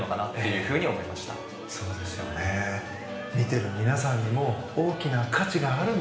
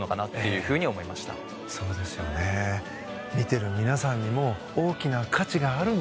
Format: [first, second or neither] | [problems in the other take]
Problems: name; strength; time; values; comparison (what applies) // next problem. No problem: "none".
second | room echo; dies away in 0.7 s